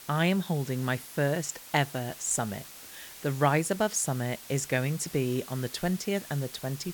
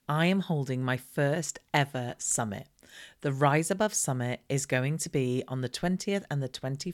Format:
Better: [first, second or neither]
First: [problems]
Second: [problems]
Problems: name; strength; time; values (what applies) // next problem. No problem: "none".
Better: second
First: hiss; noticeable; throughout; 15 dB below the speech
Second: none